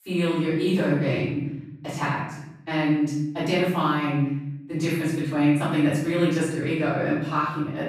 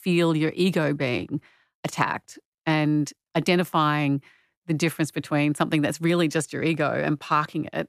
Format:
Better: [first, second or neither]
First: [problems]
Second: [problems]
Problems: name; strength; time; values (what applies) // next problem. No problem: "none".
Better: second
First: off-mic speech; far // room echo; strong; dies away in 0.9 s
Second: none